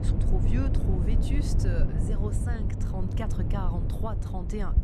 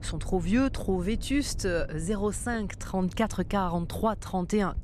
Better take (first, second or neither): second